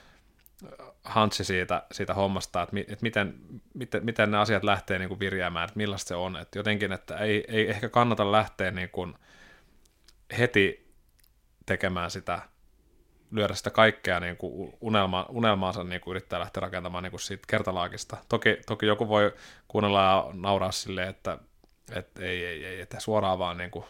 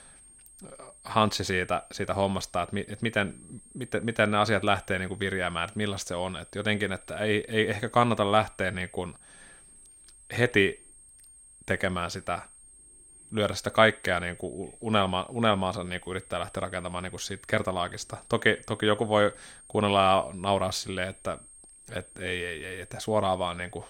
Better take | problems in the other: first | high-pitched whine; faint; throughout; 8.5 kHz, 20 dB below the speech

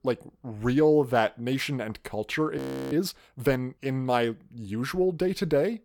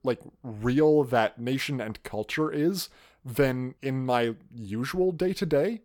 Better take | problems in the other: second | audio freezing; at 2.5 s

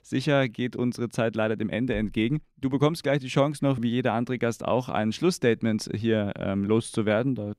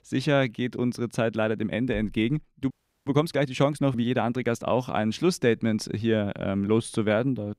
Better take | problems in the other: first | audio freezing; at 2.5 s

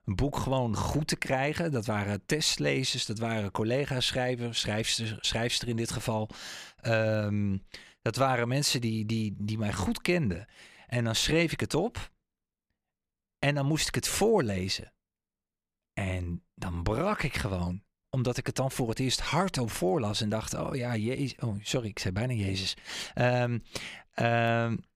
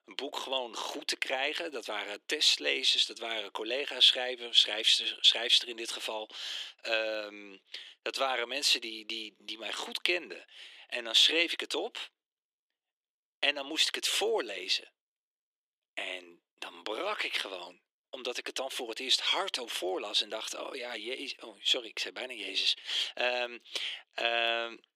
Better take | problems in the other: first | thin; very; fading below 300 Hz

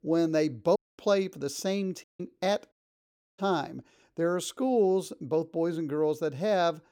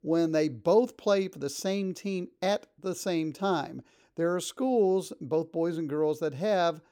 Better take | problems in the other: second | audio cutting out; at 1 s, at 2 s and at 2.5 s for 0.5 s

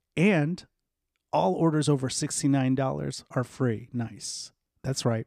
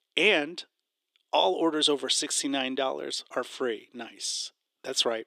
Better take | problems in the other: first | thin; somewhat; fading below 350 Hz

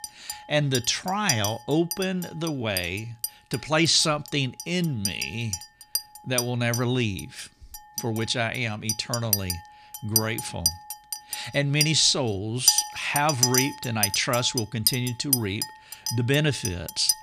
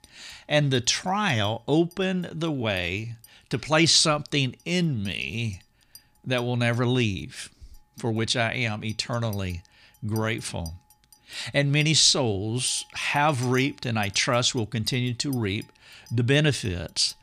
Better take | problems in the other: second | household noises; loud; throughout; 2 dB below the speech; faint in the second

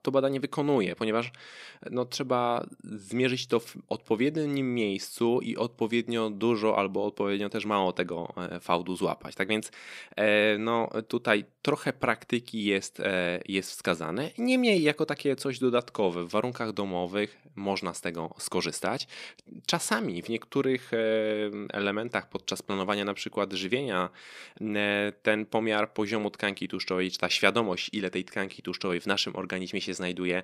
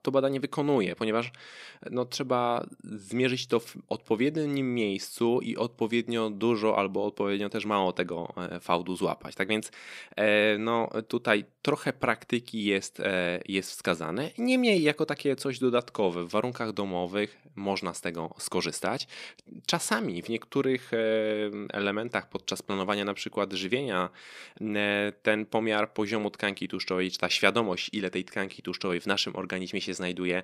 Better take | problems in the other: neither | none

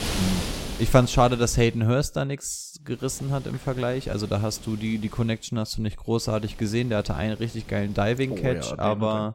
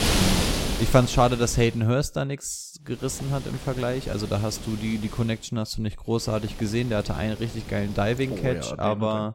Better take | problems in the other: first | wind noise on the microphone; heavy; until 2 s, from 3 to 5.5 s and from 6 to 8.5 s; 5 dB below the speech; occasional gusts in the first

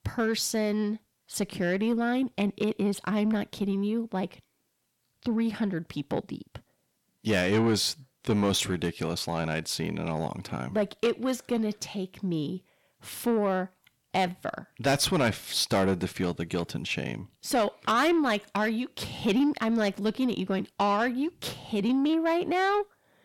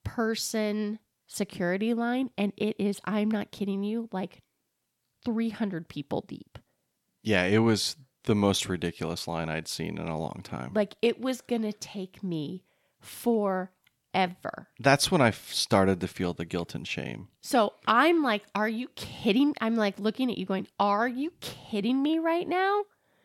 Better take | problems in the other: second | distortion; slight; 10 dB below the speech

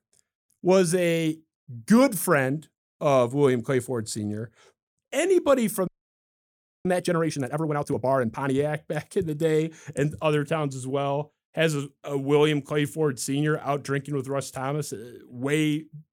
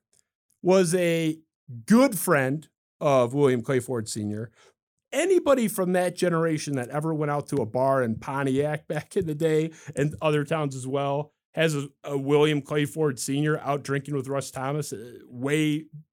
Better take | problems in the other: second | audio freezing; at 6 s for 1 s

